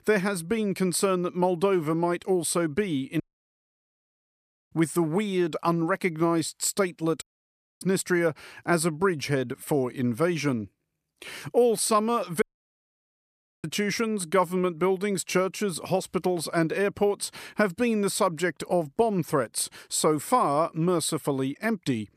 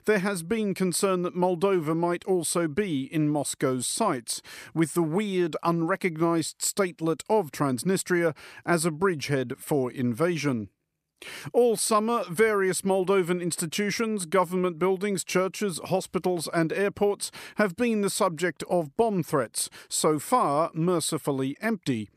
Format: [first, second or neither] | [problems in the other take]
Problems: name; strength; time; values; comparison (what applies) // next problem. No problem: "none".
second | audio cutting out; at 3 s for 1.5 s, at 7 s for 0.5 s and at 12 s for 1 s